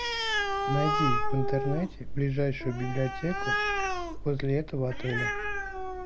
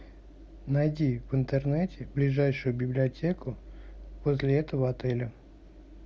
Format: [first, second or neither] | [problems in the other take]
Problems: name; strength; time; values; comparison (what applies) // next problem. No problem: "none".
second | background sound (Animal); 1 dB above the speech